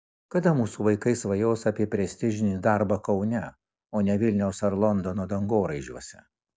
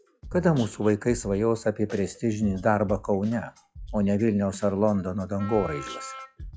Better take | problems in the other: first | noise reduction (classical method log-MMSE)

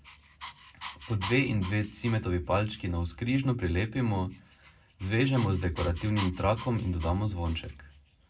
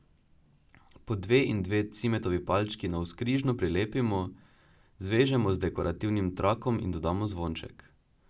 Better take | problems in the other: second | background sound (Dog); 17 dB below the speech // room echo; dies away in 0.3 s

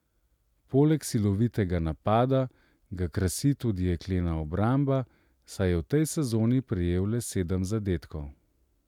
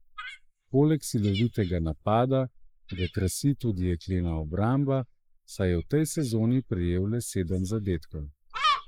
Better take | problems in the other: first | noise reduction (neural mask model Resemble Enhance denoiser)

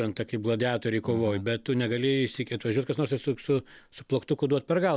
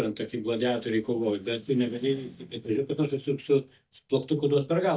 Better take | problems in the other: first | noise reduction (neural mask model DeepFilterNet 3)

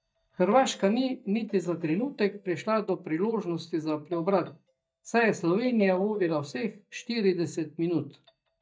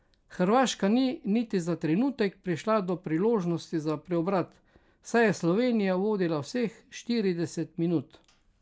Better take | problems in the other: second | noise reduction (neural mask model DeepFilterNet 3)

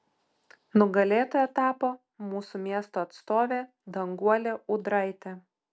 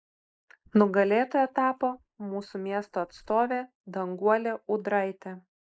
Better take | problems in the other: first | noise reduction (neural mask model Resemble Enhance denoiser)

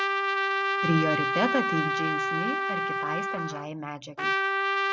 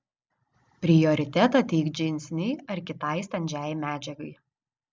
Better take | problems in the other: second | background sound (Trumpet); 4 dB above the speech

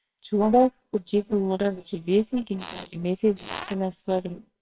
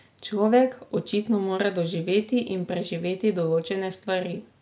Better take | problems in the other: second | noise reduction (neural separator model SepFormer WHAMR!)

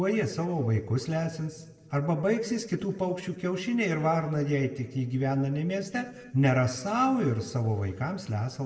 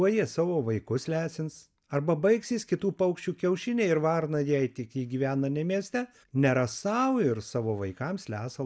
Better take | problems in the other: second | room echo; dies away in 1.5 s

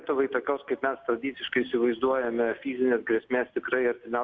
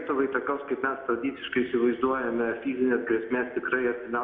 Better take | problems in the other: first | room echo; dies away in 1.9 s

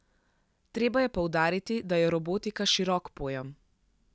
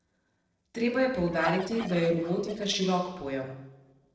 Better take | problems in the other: first | noise reduction (neural separator model SepFormer DNS4)

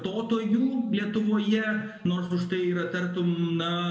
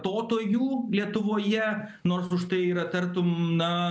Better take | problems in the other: second | room echo; dies away in 1.4 s

